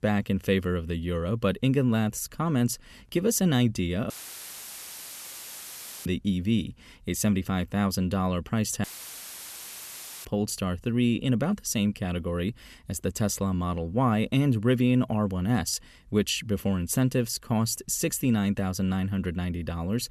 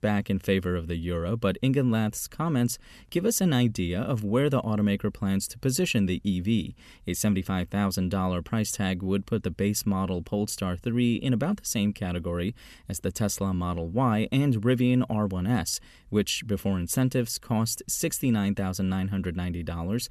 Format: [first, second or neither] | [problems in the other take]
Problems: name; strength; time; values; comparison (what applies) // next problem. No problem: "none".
second | audio cutting out; filled with static; at 4 s for 2 s and at 9 s for 1.5 s